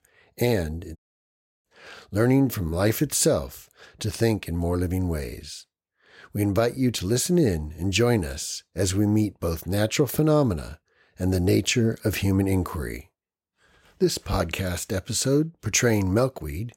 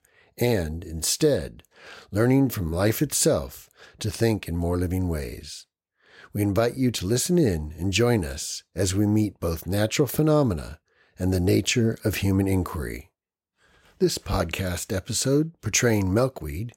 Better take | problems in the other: second | audio cutting out; at 1 s for 0.5 s

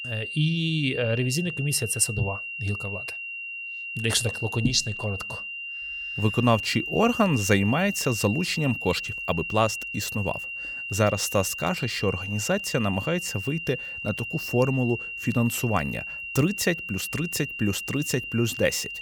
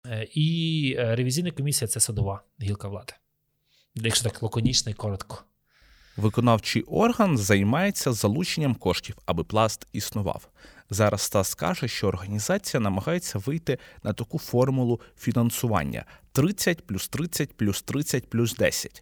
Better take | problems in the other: second | high-pitched whine; loud; throughout; 3 kHz, 6 dB below the speech

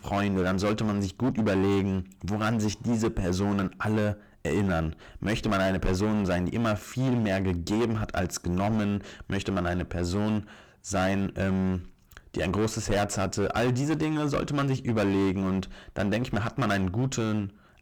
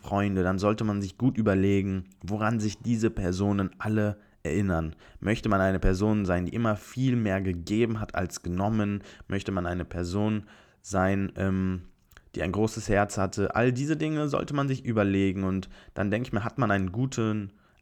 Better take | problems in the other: second | distortion; heavy; 19% of the sound clipped

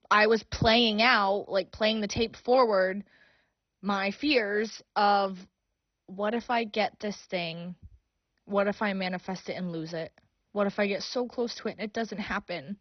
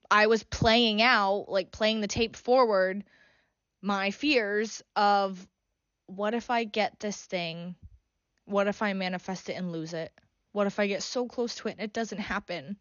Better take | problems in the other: second | garbled, watery; badly; nothing above 6 kHz; slightly in the second

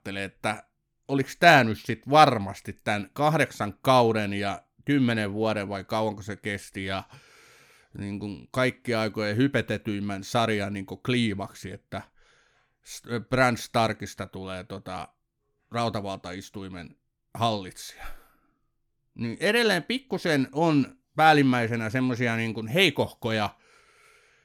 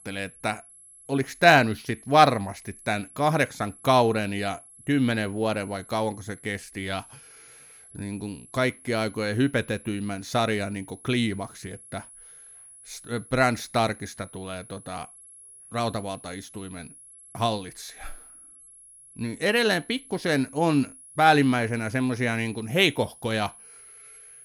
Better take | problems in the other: first | high-pitched whine; faint; throughout; 11 kHz, 20 dB below the speech

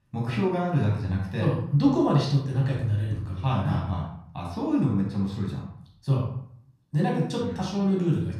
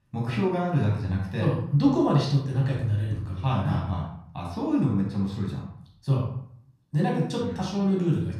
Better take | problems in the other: neither | off-mic speech; far; the same in both // room echo; noticeable; dies away in 0.6 s; the same in both

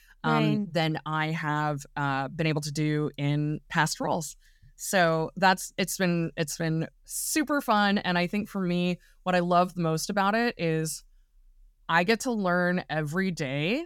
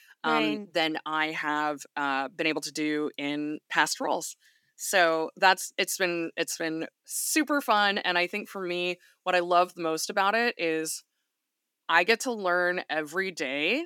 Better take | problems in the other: first | thin; somewhat; fading below 300 Hz

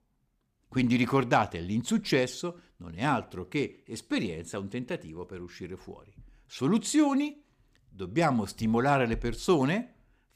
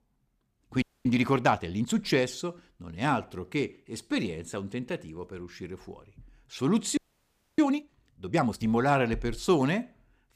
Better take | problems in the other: first | audio freezing; at 1 s and at 7 s for 0.5 s

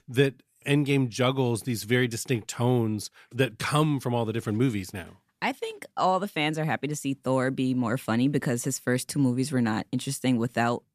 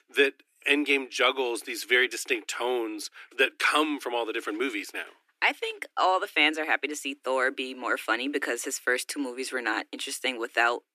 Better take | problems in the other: first | thin; somewhat; fading below 300 Hz

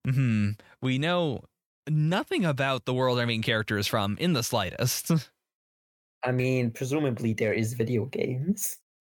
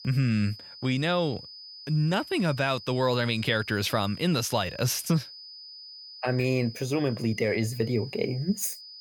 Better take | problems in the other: first | high-pitched whine; noticeable; throughout; 5 kHz, 15 dB below the speech

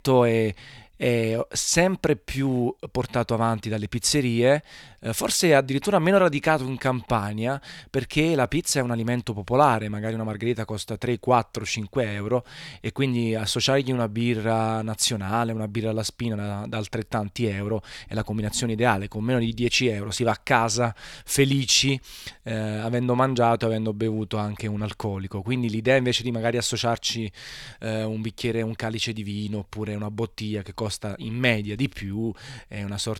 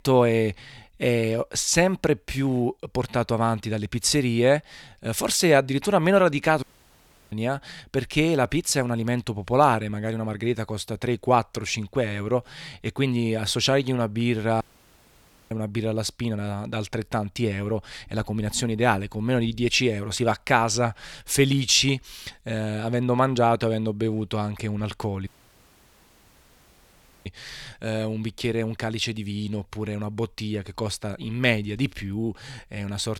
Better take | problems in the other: first | audio cutting out; at 6.5 s for 0.5 s, at 15 s for 1 s and at 25 s for 2 s

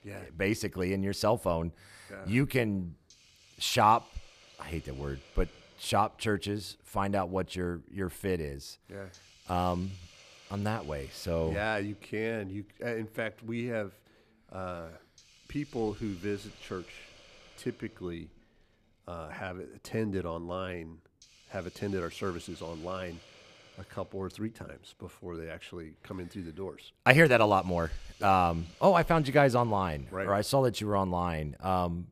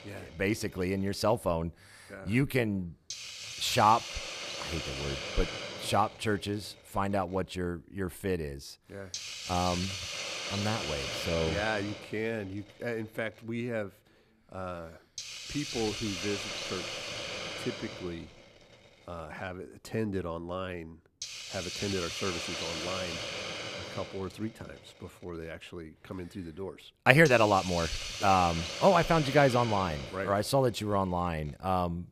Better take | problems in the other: first | hiss; loud; throughout; 6 dB below the speech; faint in the first

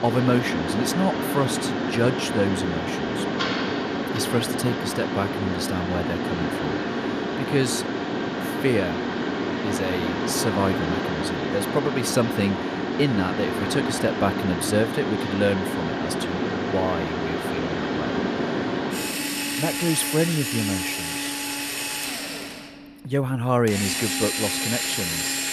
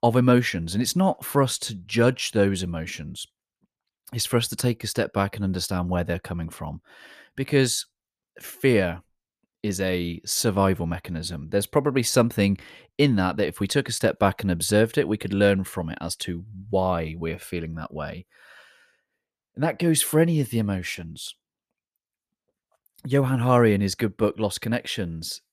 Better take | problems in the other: second | machinery noise; very loud; throughout; as loud as the speech

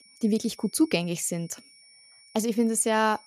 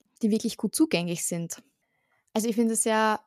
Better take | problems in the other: second | high-pitched whine; faint; throughout; 5.5 kHz, 25 dB below the speech

